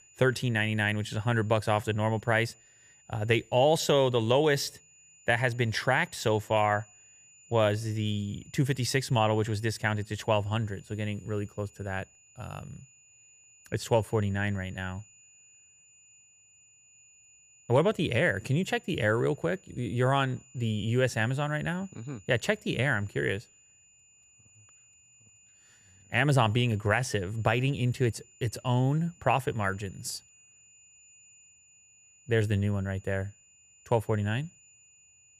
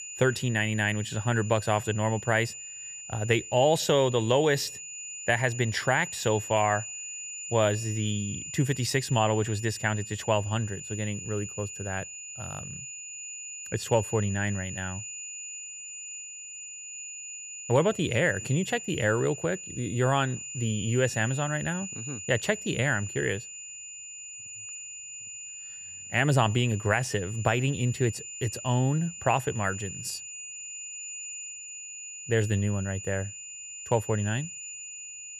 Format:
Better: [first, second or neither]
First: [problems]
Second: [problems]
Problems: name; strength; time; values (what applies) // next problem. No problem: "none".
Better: first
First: high-pitched whine; faint; throughout; 7 kHz, 30 dB below the speech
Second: high-pitched whine; loud; throughout; 7 kHz, 10 dB below the speech